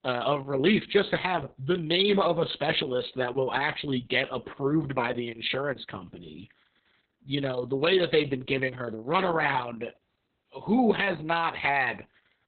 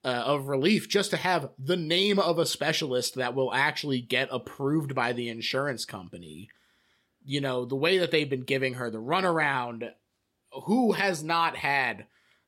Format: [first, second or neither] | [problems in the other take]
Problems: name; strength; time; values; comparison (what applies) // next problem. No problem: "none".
second | garbled, watery; badly; nothing above 4 kHz